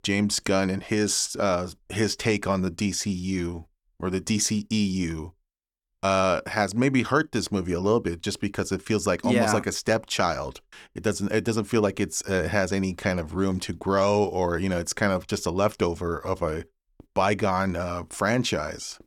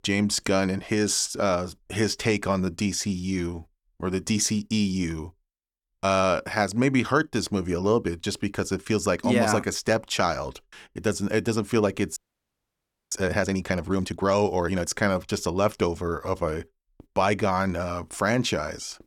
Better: first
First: none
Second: audio freezing; at 12 s for 1 s

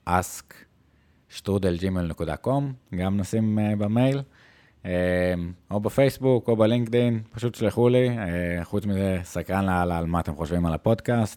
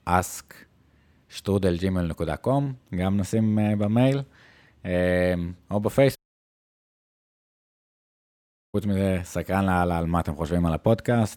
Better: first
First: none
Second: audio cutting out; at 6 s for 2.5 s

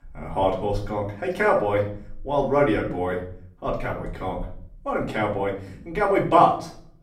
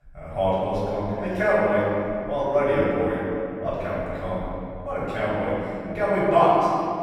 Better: first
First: room echo; slight; dies away in 0.5 s // off-mic speech; far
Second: room echo; strong; dies away in 2.6 s // off-mic speech; far

